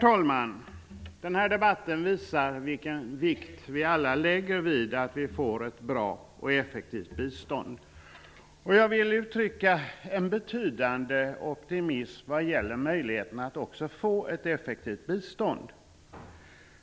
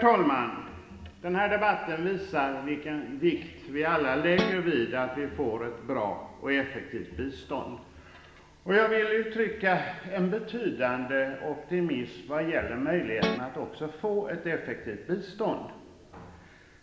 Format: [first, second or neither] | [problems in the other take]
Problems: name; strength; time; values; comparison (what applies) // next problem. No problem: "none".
first | background sound (Guitar); 1 dB below the speech // room echo; dies away in 2 s